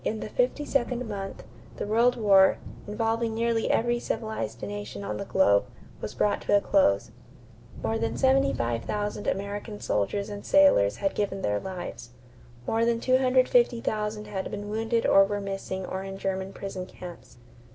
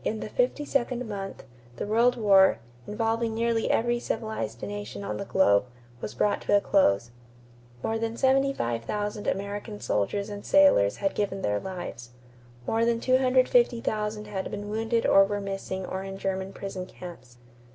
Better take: second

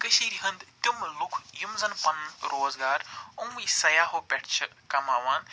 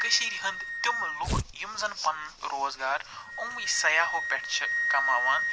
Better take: first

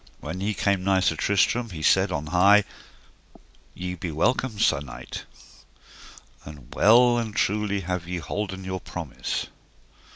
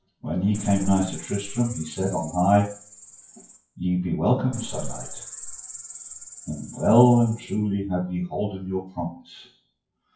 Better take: first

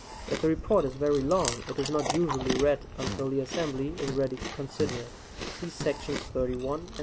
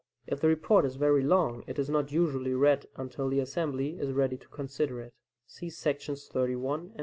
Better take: second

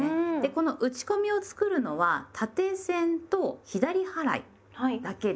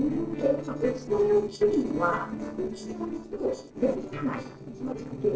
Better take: first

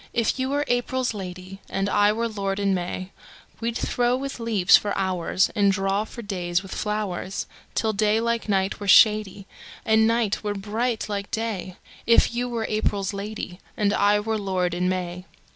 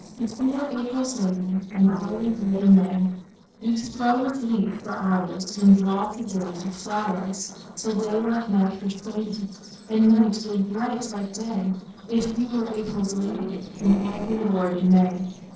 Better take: first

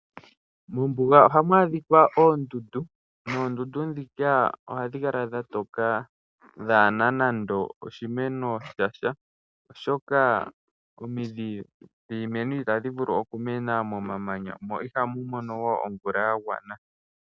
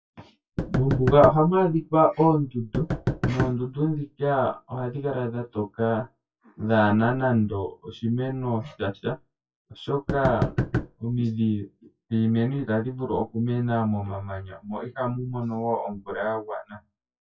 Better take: first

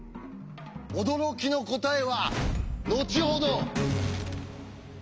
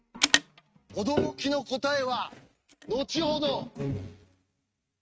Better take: first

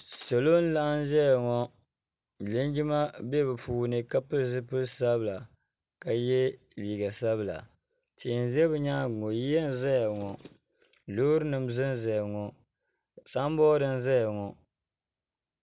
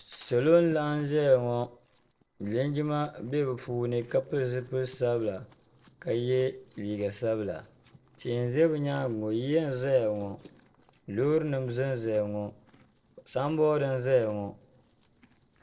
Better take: first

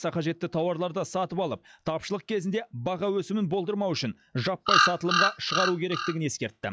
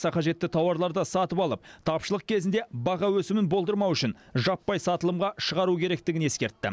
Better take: second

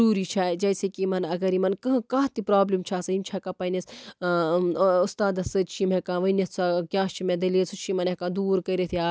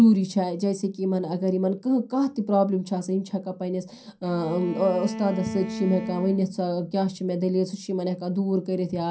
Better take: first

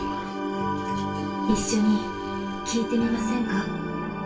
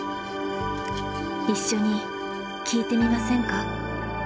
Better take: second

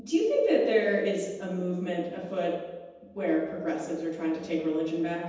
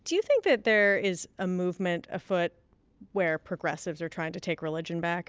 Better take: second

